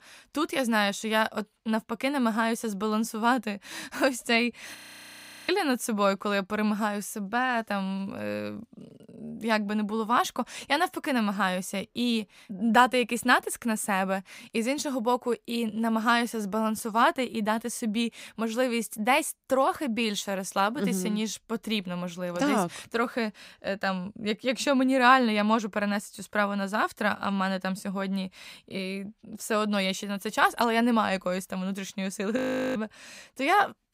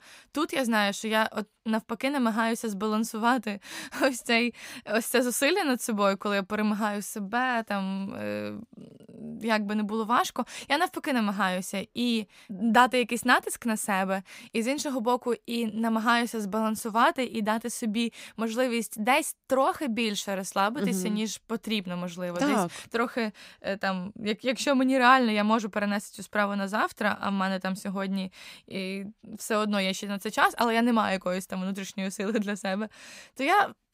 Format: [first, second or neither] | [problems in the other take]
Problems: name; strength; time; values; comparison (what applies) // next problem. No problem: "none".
second | audio freezing; at 5 s for 0.5 s and at 32 s